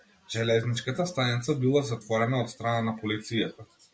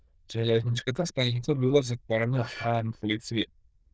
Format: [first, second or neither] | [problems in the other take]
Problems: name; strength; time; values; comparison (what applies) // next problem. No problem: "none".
first | noise reduction (neural diffusion model UNIVERSE++)